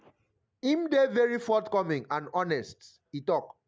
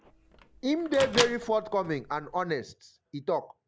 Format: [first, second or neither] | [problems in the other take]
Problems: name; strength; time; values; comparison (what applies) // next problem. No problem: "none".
first | background sound (Microwave oven); 6 dB below the speech